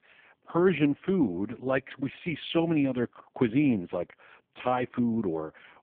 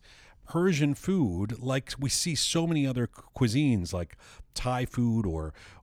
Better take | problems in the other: second | phone-call audio; poor line; nothing above 3.5 kHz

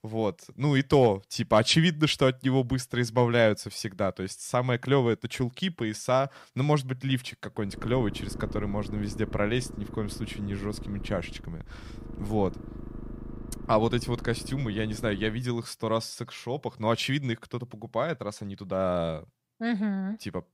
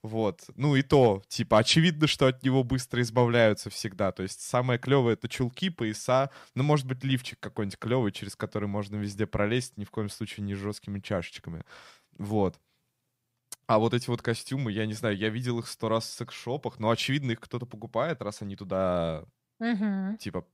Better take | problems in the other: second | low rumble; noticeable; from 7.5 to 15 s; 20 dB below the speech

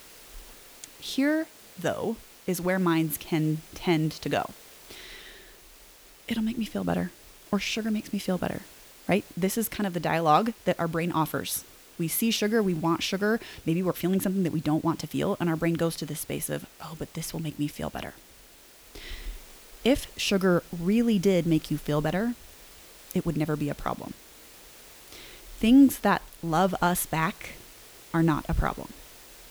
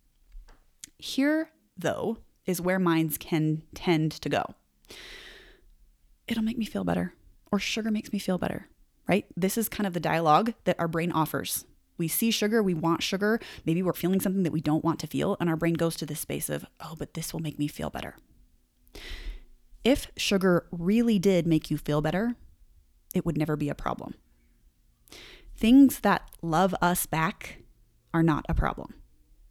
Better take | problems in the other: second | hiss; faint; throughout; 20 dB below the speech

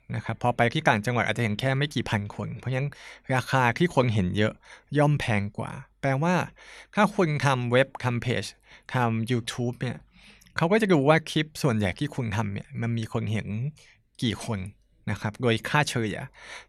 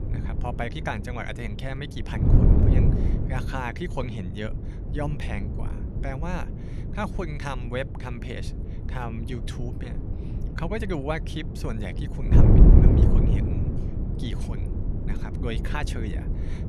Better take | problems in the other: first | wind noise on the microphone; heavy; 2 dB below the speech

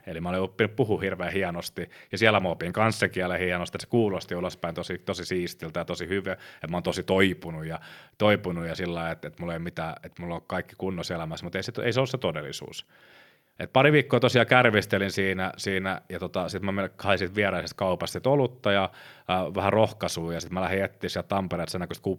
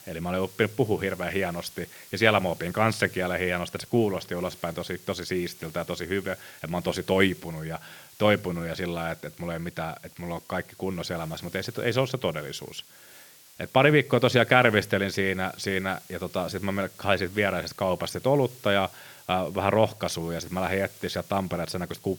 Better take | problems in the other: first | hiss; faint; throughout; 20 dB below the speech

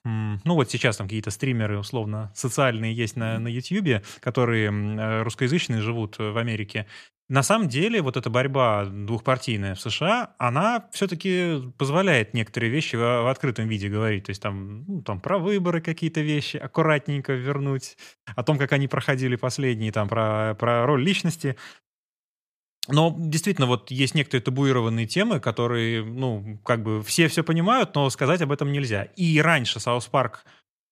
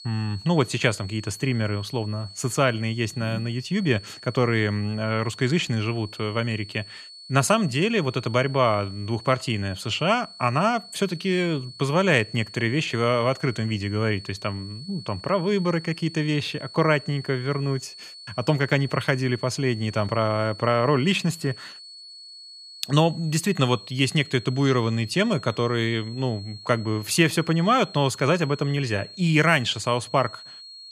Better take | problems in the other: first | high-pitched whine; noticeable; throughout; 4.5 kHz, 15 dB below the speech

